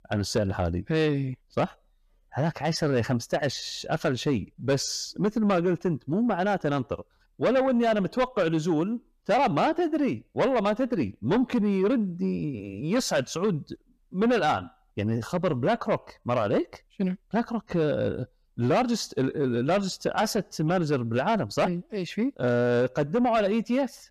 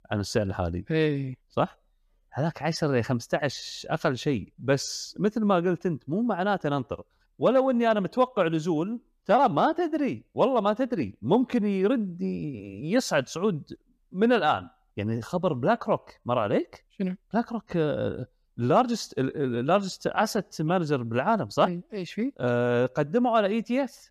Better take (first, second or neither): second